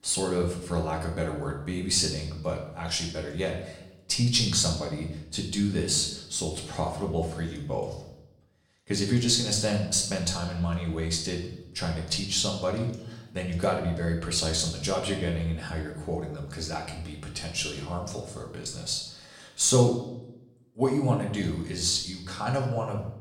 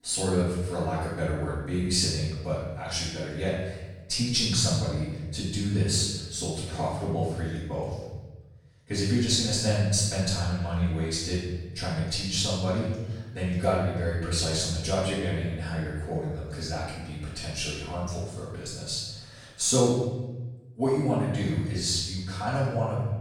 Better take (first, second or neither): first